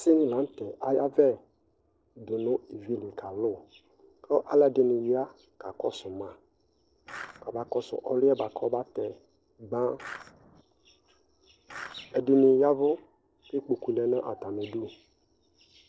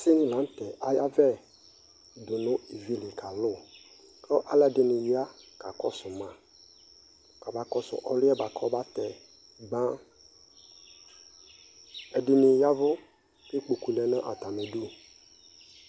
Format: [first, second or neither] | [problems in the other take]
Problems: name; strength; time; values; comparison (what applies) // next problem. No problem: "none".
second | noise reduction (neural separator model SepFormer DNS4)